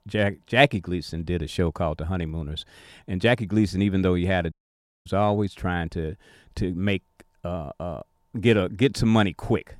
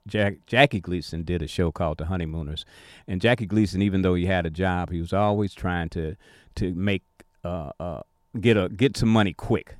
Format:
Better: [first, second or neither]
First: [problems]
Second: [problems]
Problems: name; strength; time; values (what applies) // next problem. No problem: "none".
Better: second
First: audio cutting out; at 4.5 s for 0.5 s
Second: none